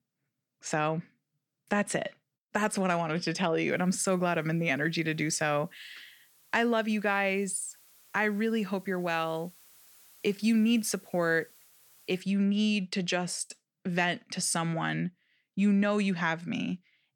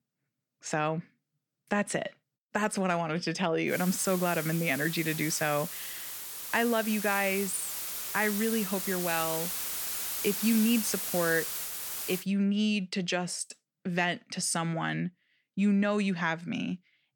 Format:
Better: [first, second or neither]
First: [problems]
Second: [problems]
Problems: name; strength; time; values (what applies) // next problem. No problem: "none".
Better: first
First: hiss; faint; from 3.5 to 12 s; 25 dB below the speech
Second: hiss; loud; from 3.5 to 12 s; 4 dB below the speech